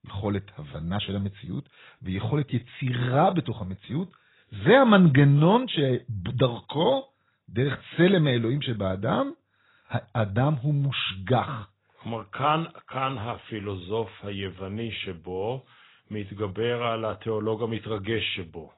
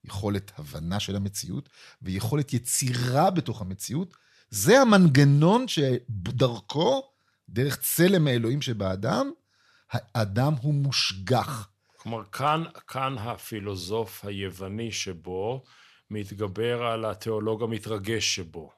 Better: second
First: garbled, watery; badly; nothing above 4 kHz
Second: none

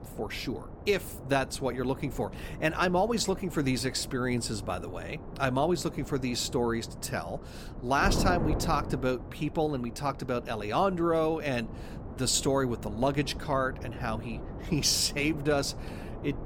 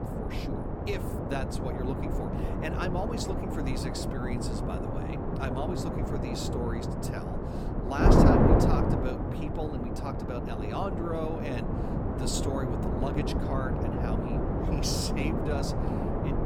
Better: first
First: wind noise on the microphone; occasional gusts; 15 dB below the speech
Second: wind noise on the microphone; heavy; 4 dB above the speech

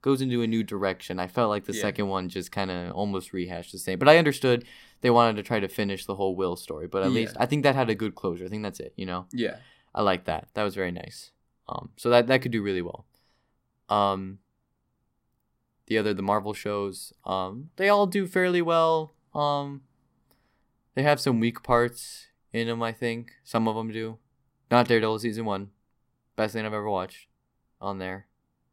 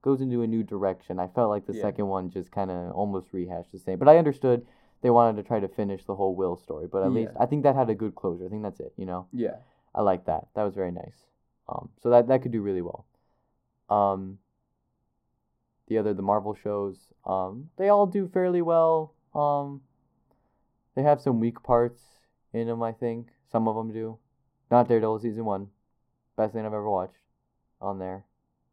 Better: first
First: none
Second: muffled; very; fading above 1.5 kHz

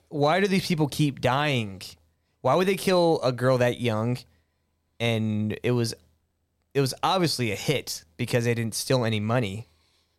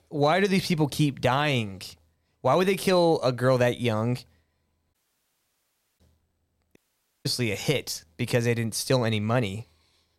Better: first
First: none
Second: audio cutting out; at 5 s for 1 s and at 7 s

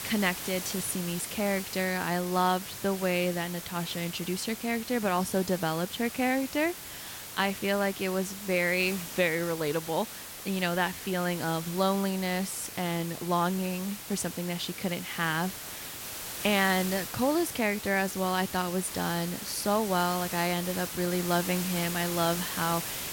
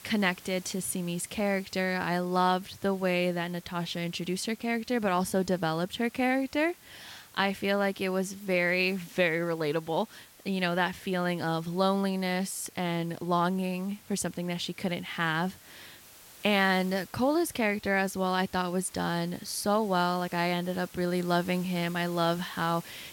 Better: second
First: hiss; loud; throughout; 7 dB below the speech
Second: hiss; faint; throughout; 20 dB below the speech

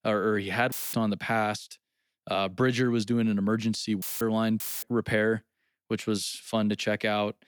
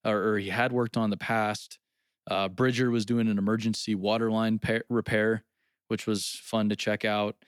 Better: second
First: audio cutting out; filled with static; at 0.5 s, at 4 s and at 4.5 s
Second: none

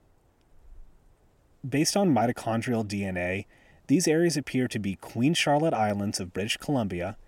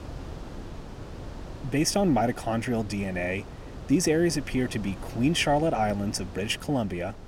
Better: first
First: none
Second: wind noise on the microphone; occasional gusts; 15 dB below the speech

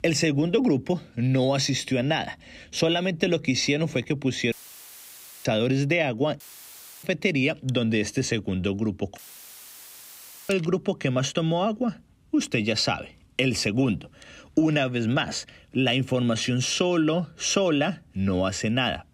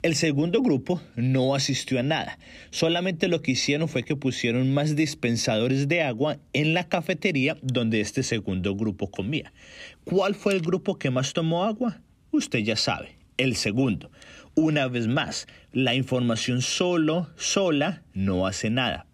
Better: second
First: audio cutting out; filled with static; at 4.5 s for 1 s, at 6.5 s for 0.5 s and at 9 s for 1.5 s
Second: none

